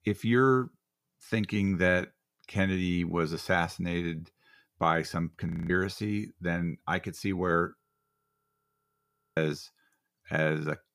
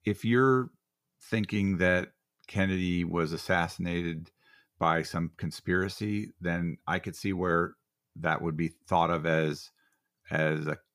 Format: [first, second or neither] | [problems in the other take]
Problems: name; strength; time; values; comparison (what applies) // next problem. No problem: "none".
second | audio freezing; at 5.5 s and at 8 s for 1.5 s